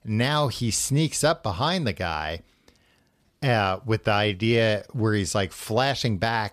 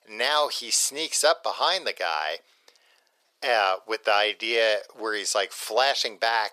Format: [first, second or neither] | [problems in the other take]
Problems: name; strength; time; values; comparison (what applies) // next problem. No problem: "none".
first | thin; very; fading below 500 Hz